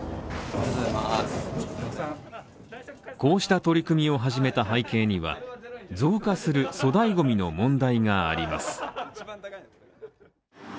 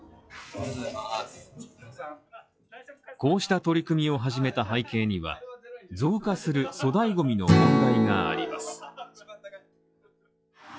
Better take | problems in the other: first | noise reduction (classical method log-MMSE)

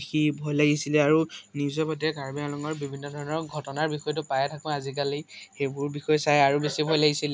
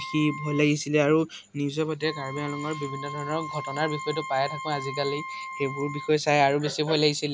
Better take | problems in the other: first | background sound (Wind instrument, woodwind instrument); 12 dB below the speech

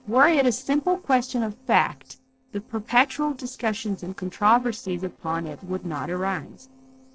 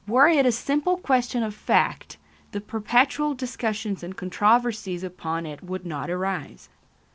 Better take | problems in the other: second | noise reduction (neural separator model SepFormer DNS4)

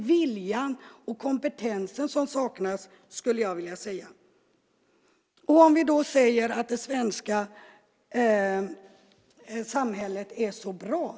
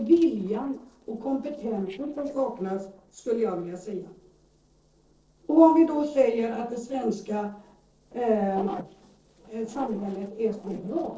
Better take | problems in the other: first | noise reduction (neural separator model SepFormer DNS4)

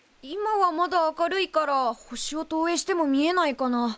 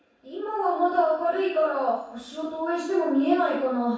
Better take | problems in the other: first | room echo; dies away in 0.7 s

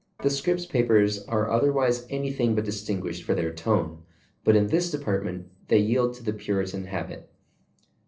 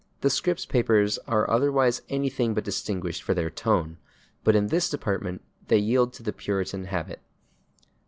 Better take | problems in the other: second | noise reduction (neural separator model SepFormer DNS4)

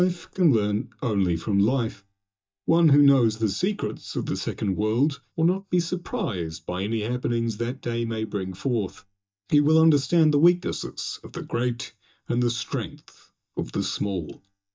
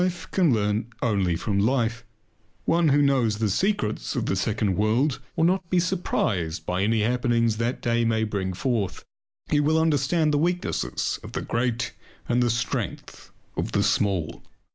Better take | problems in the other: second | noise reduction (neural mask model DeepFilterNet 3)

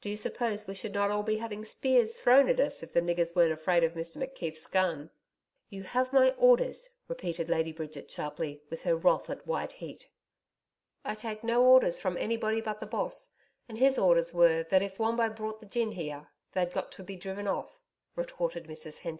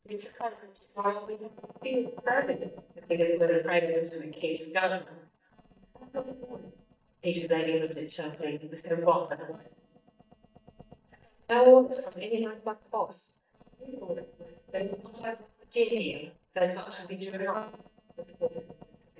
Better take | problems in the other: first | noise reduction (neural mask model DeepFilterNet 3)

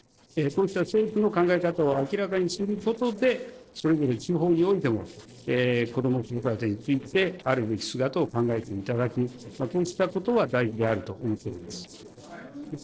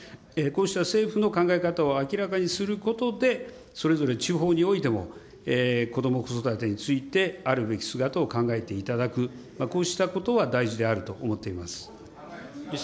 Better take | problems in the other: second | noise reduction (neural separator model SepFormer DNS4)

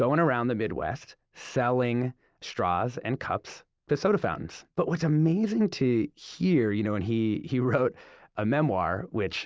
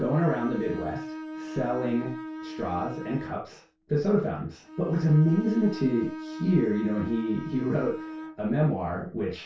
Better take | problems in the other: first | background sound (Bowed string instrument); 11 dB below the speech // room echo; dies away in 0.2 s

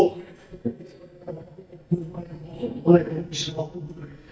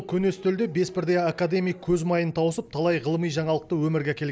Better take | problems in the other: second | noise reduction (neural mask model DeepFilterNet 3)

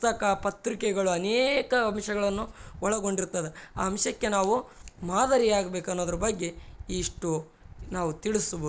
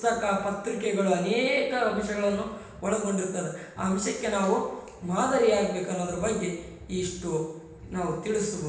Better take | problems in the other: first | room echo; dies away in 0.9 s

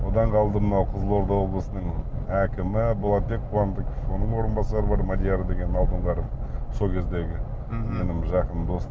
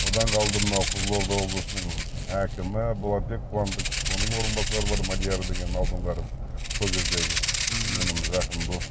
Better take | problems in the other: first | background sound (Rattle (instrument)); 4 dB below the speech

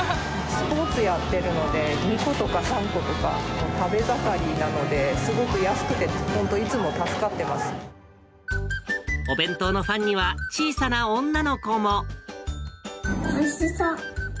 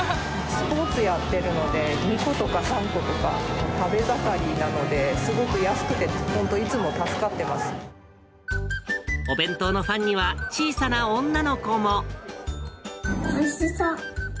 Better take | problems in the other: first | background sound (Accelerating, revving, vroom); 14 dB below the speech

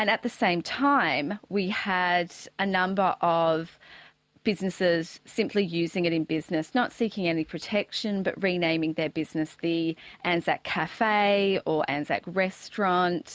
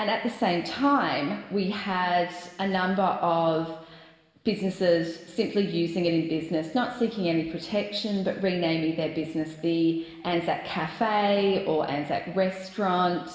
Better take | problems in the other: first | room echo; dies away in 1.2 s

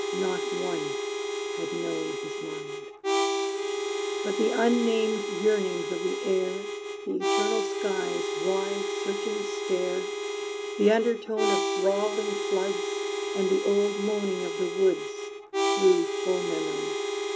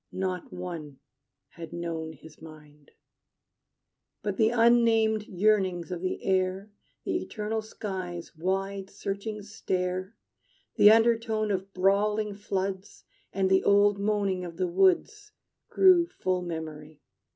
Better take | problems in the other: second | background sound (Harmonica); 1 dB below the speech

